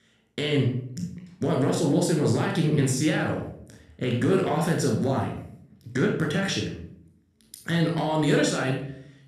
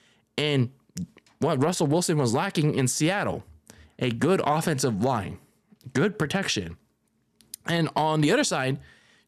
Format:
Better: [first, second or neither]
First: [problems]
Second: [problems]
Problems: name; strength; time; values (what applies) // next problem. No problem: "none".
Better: second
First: off-mic speech; somewhat distant // room echo; noticeable; dies away in 0.5 s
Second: none